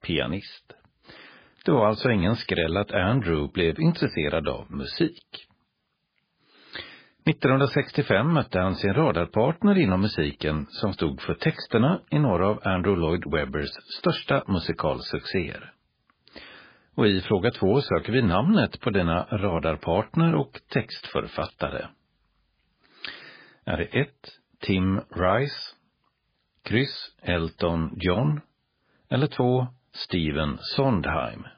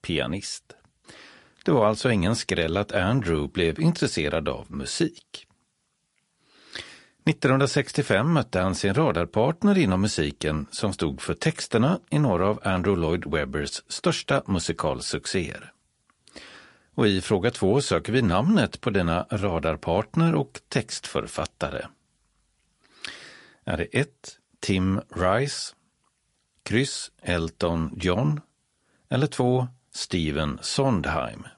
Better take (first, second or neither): second